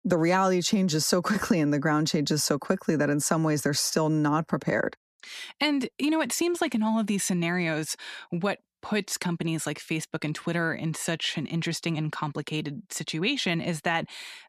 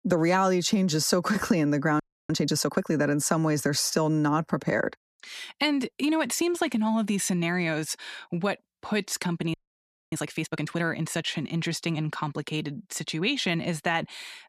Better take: first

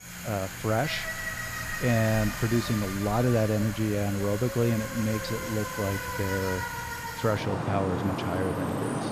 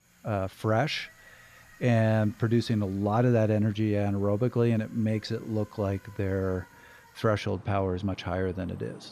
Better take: second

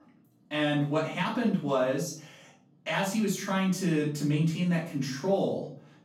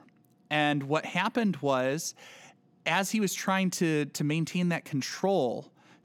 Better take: second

